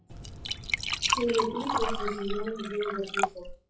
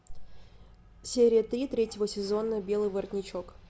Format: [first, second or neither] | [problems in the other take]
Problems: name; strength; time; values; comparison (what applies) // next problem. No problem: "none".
second | noise reduction (classical method WPE with log-MMSE)